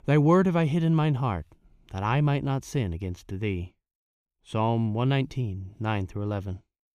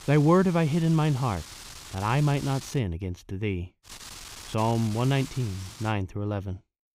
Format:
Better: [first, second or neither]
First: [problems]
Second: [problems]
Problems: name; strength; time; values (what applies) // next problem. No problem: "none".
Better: first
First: none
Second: wind noise on the microphone; occasional gusts; until 3 s and from 4 to 6 s; 15 dB below the speech